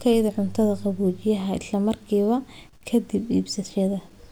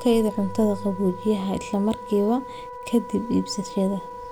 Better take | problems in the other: first | background sound (Wind instrument, woodwind instrument); 13 dB below the speech

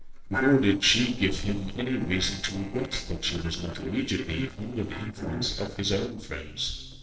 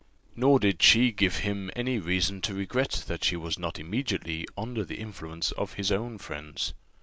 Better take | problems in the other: second | noise reduction (neural separator model SepFormer DNS4)

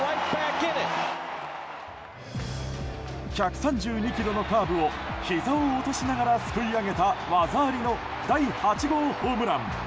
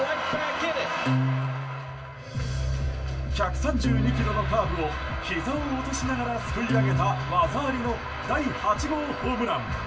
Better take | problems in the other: first | background sound (Acoustic guitar); 4 dB below the speech // room echo; dies away in 0.2 s

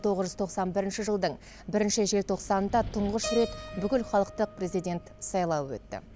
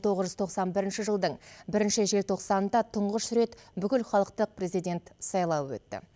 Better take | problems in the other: second | background sound (Wind + Keyboard (musical)); 13 dB below the speech

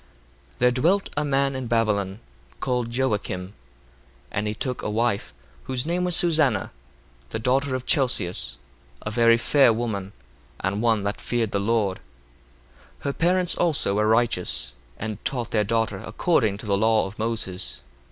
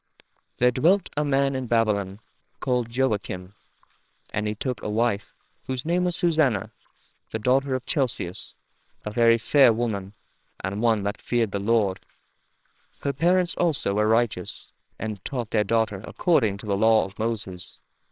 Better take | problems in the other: first | noise reduction (neural separator model SepFormer WHAMR!)

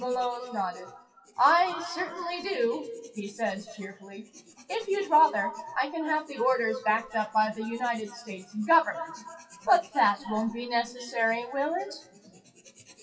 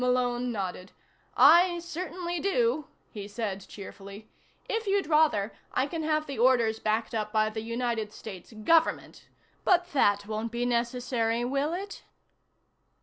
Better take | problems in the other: second | noise reduction (classical method WPE with log-MMSE)

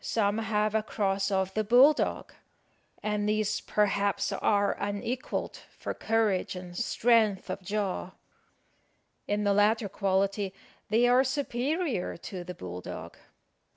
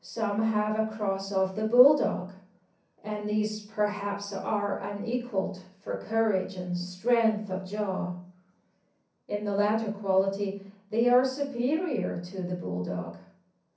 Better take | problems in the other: first | room echo; dies away in 0.6 s

